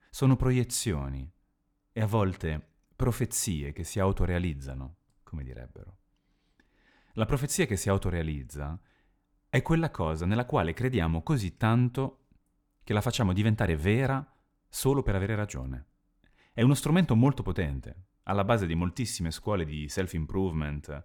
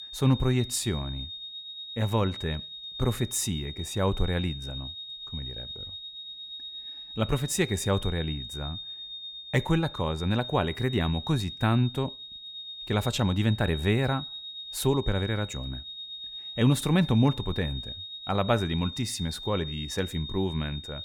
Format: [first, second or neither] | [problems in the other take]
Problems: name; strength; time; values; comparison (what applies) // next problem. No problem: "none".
first | high-pitched whine; loud; throughout; 3.5 kHz, 9 dB below the speech